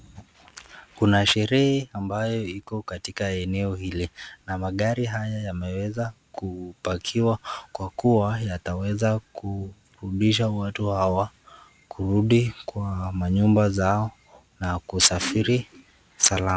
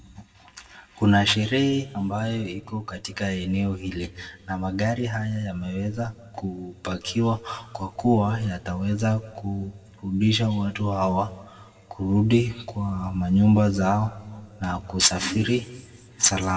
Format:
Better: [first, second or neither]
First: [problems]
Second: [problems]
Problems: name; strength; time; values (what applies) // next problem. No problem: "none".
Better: first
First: none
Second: room echo; dies away in 1.3 s